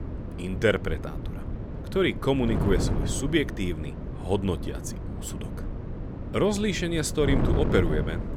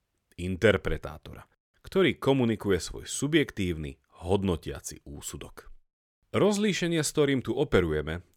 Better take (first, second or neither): second